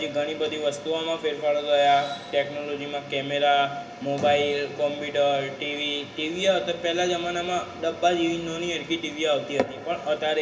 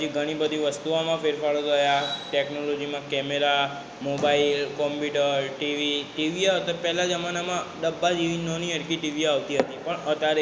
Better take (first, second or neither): second